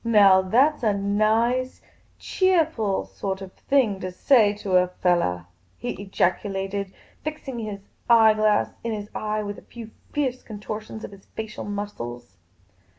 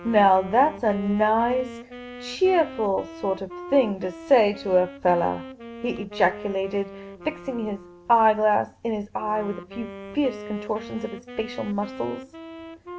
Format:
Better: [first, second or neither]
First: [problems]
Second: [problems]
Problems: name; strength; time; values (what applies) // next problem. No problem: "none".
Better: first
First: none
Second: background sound (Wind instrument, woodwind instrument); 15 dB below the speech